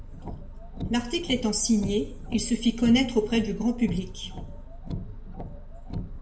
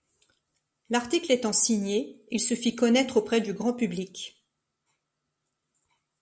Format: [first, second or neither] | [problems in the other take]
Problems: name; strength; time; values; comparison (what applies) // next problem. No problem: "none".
second | background sound (Car); 8 dB below the speech // room echo; dies away in 0.6 s